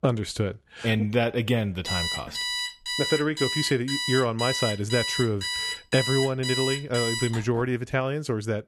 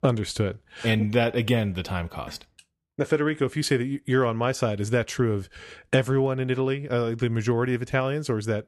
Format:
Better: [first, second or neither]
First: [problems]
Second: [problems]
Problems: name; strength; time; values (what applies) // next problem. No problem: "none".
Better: second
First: alarm; noticeable; from 2 to 7.5 s; peak level with the speech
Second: none